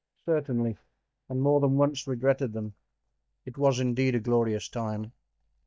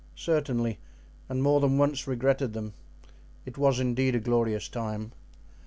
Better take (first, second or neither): second